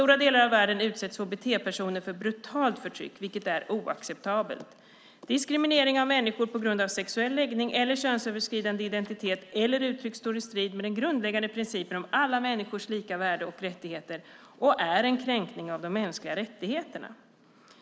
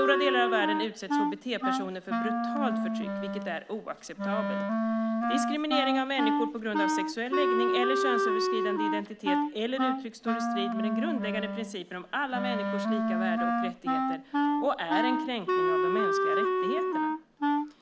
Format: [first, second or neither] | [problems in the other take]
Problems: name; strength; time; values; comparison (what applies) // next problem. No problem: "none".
first | background sound (Wind instrument, woodwind instrument); 5 dB above the speech